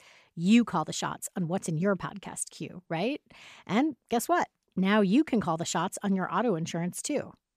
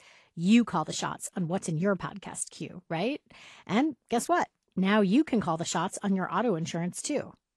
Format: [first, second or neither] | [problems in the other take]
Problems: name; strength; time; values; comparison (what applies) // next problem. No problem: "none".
first | garbled, watery; slightly; nothing above 11 kHz